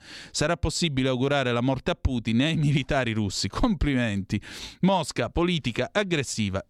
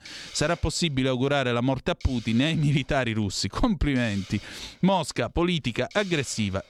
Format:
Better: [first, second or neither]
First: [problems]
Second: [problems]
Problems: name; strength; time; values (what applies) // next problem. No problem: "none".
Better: first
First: none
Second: hiss; noticeable; throughout; 20 dB below the speech